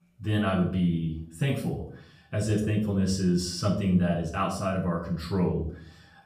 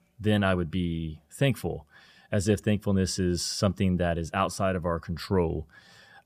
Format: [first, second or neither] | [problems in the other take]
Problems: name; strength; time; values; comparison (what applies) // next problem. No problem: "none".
second | off-mic speech; far // room echo; slight; dies away in 0.5 s